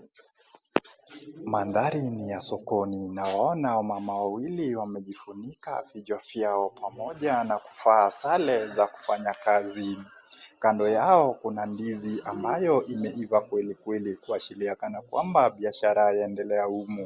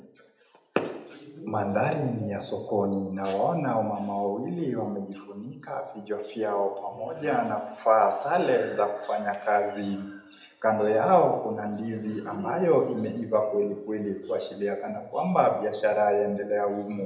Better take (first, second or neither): first